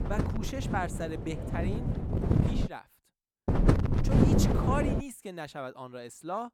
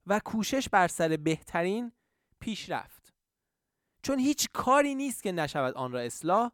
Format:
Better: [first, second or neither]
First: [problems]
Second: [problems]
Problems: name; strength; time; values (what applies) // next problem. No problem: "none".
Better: second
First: wind noise on the microphone; heavy; until 2.5 s and from 3.5 to 5 s; 1 dB above the speech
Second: none